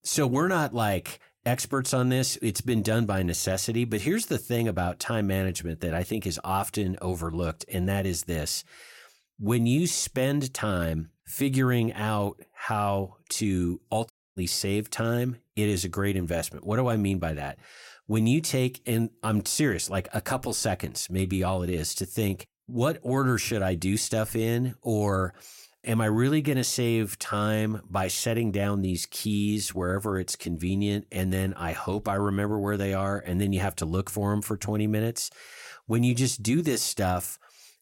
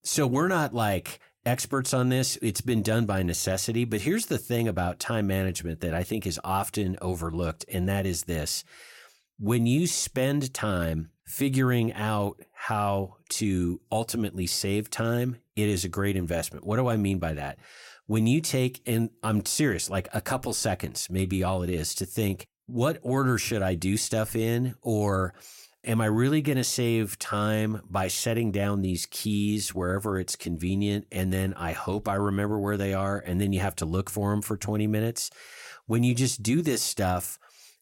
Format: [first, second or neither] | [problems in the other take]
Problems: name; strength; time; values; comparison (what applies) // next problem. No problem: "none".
second | audio cutting out; at 14 s